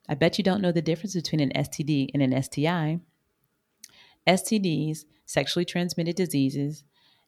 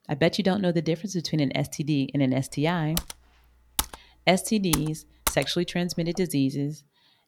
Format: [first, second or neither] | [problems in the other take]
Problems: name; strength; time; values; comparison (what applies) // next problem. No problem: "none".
first | keyboard typing; noticeable; from 3 to 5.5 s; peak 3 dB below the speech